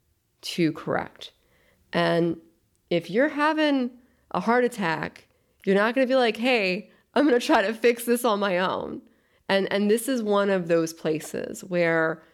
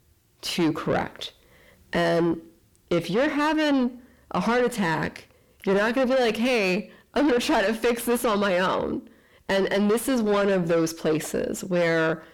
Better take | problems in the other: first | distortion; heavy; 7 dB below the speech

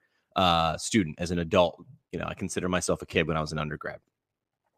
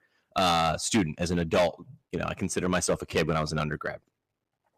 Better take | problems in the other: first | distortion; heavy; 4% of the sound clipped

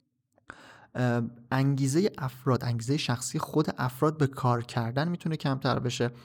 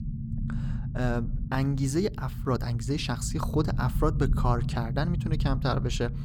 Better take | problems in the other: first | low rumble; noticeable; throughout; 10 dB below the speech

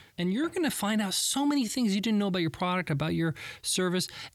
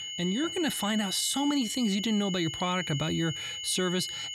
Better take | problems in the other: first | high-pitched whine; loud; throughout; 3 kHz, 6 dB below the speech

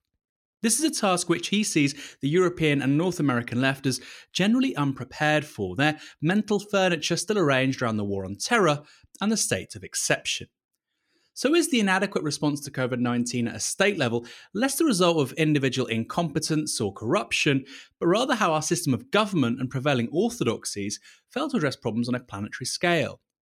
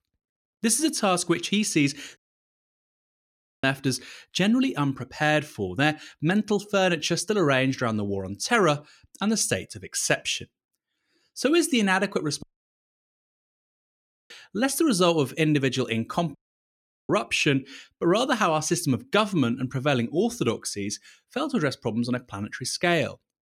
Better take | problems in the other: first | audio cutting out; at 2 s for 1.5 s, at 12 s for 2 s and at 16 s for 0.5 s

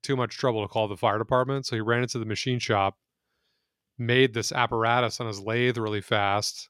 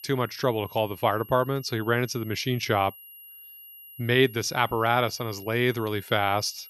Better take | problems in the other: first | high-pitched whine; noticeable; throughout; 11.5 kHz, 20 dB below the speech

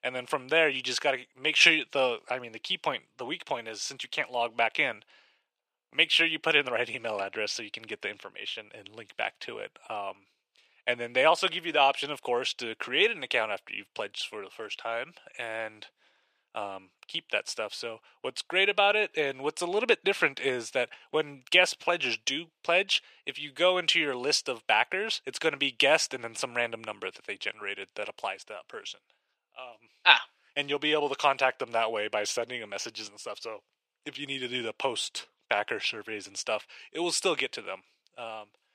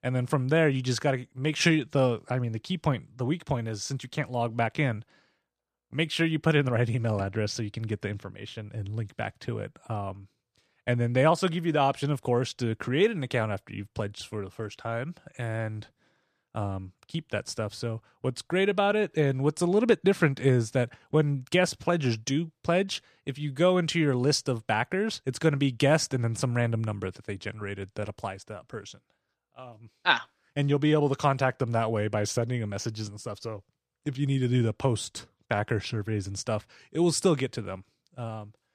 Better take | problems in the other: second | thin; very; fading below 550 Hz

